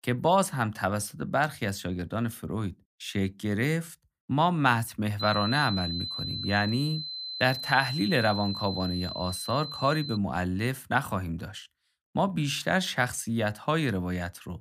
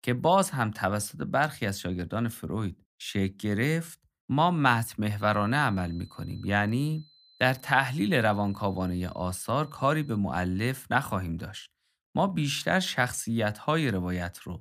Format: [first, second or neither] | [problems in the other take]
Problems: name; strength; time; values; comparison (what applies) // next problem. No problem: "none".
second | high-pitched whine; loud; from 5 to 10 s; 4 kHz, 5 dB below the speech; faint in the second